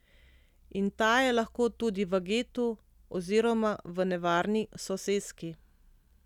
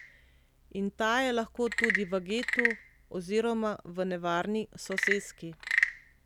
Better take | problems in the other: first | background sound (Wood / Percussion / Frog); 3 dB below the speech

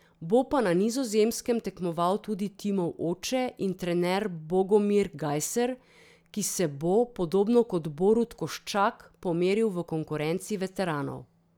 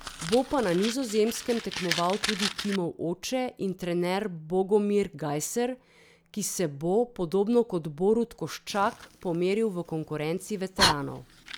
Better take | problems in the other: first | background sound (Fire); 9 dB below the speech

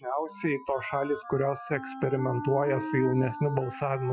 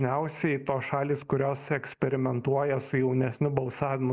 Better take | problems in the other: second | noise reduction (classical method Wiener filter)

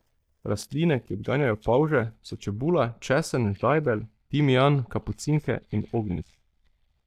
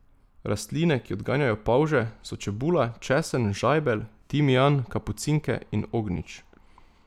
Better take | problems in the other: second | noise reduction (neural mask model DeepFilterNet 3)

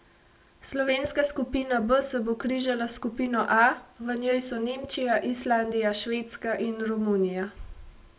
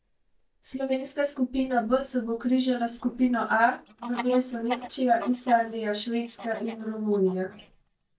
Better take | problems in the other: first | noise reduction (neural mask model DeepFilterNet 3)

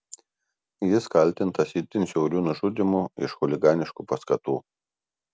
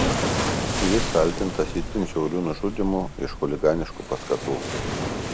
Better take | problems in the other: first | background sound (Waves, surf); 2 dB below the speech

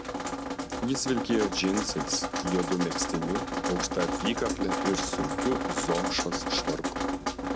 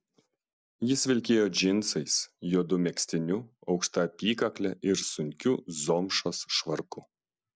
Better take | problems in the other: second | background sound (Drip); as loud as the speech

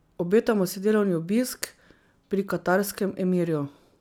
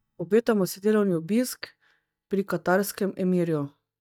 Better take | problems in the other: first | noise reduction (neural mask model DeepFilterNet 3)

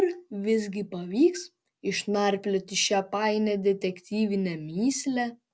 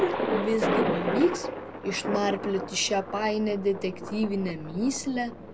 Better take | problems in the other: first | background sound (Thunder); 3 dB below the speech

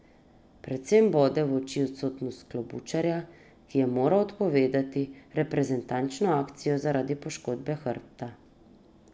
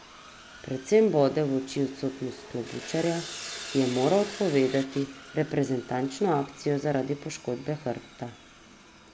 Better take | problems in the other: first | background sound (Sawing); 16 dB below the speech

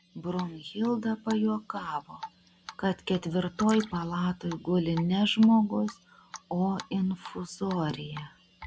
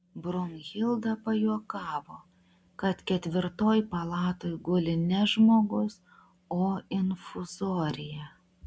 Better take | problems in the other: second | background sound (Drip); 18 dB below the speech

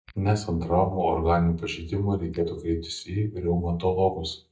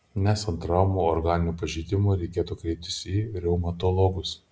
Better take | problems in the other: second | noise reduction (neural mask model DeepFilterNet 3)

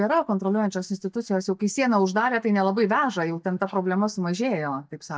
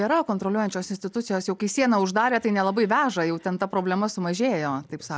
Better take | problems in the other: second | noise reduction (neural mask model DeepFilterNet 3)

